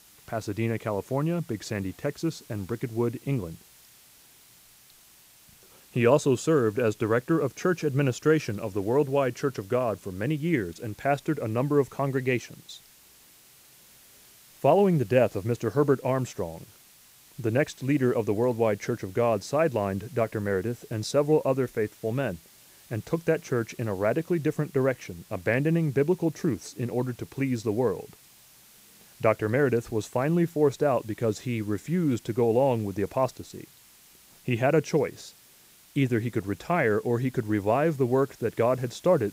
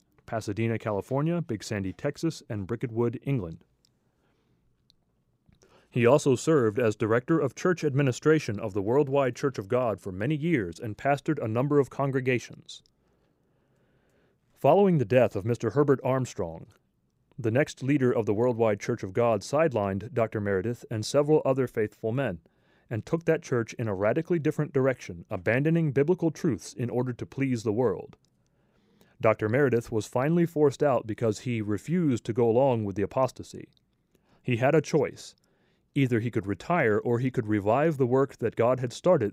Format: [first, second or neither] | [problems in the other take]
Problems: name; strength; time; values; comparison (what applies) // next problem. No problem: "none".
second | hiss; faint; throughout; 25 dB below the speech